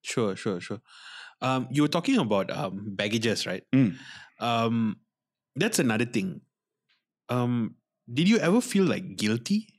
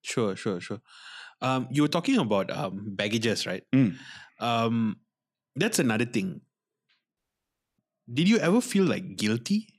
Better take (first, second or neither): first